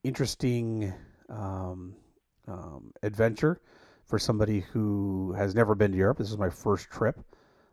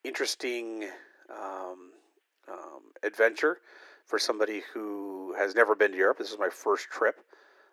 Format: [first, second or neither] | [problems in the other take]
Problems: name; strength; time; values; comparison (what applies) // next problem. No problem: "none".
first | thin; very; fading below 350 Hz